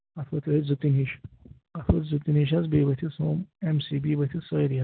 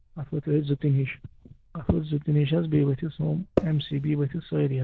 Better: first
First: none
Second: noise reduction (neural diffusion model UNIVERSE++)

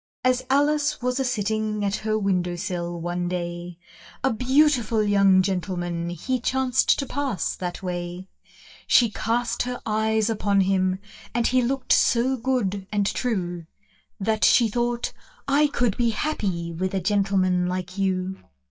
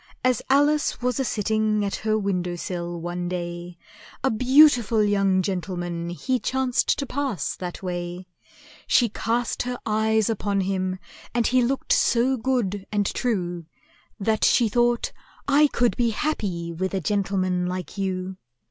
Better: second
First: noise reduction (neural mask model DeepFilterNet 3)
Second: none

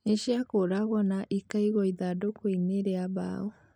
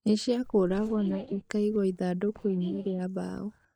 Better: first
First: none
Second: noise reduction (neural mask model DeepFilterNet 3)

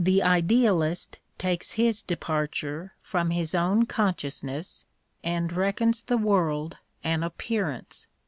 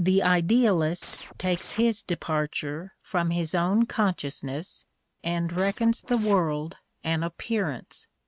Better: first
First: none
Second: noise reduction (neural mask model RNNoise)

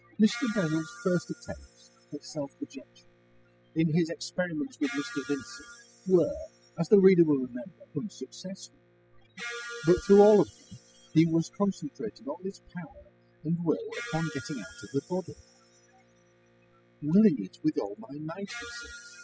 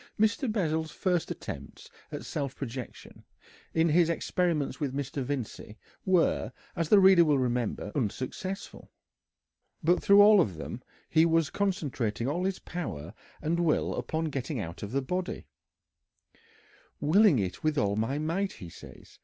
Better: second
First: noise reduction (classical method spectral subtraction)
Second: none

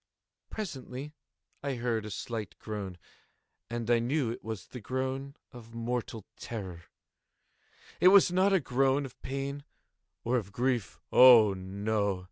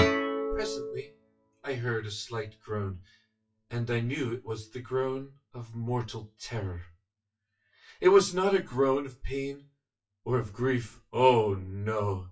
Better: first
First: none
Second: noise reduction (classical method WPE with log-MMSE)

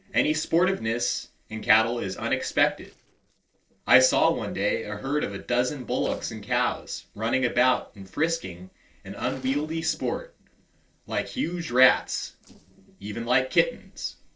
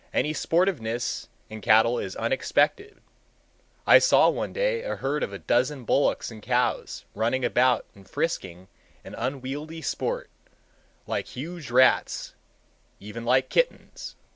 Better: second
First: noise reduction (neural separator model SepFormer DNS4)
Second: none

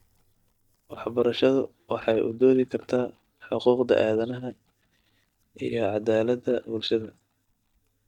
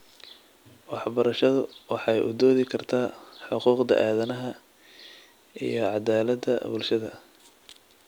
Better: second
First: noise reduction (neural mask model DeepFilterNet 3)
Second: none

